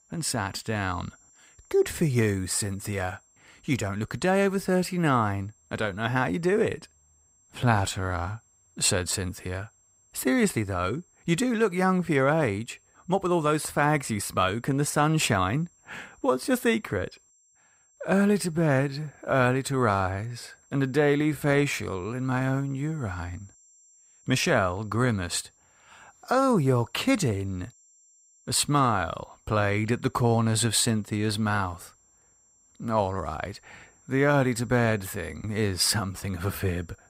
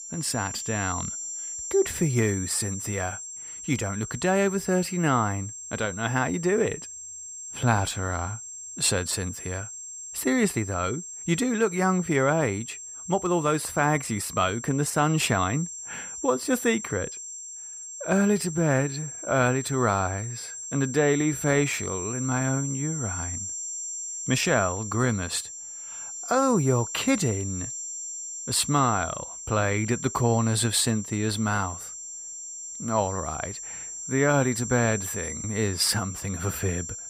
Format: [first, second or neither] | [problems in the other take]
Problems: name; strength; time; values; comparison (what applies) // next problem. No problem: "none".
first | high-pitched whine; loud; throughout; 7.5 kHz, 8 dB below the speech; faint in the first